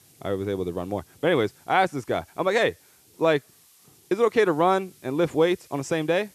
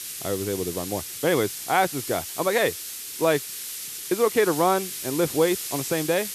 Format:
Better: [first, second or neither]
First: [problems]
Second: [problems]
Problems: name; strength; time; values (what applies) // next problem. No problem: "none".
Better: first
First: hiss; faint; throughout; 30 dB below the speech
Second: hiss; loud; throughout; 7 dB below the speech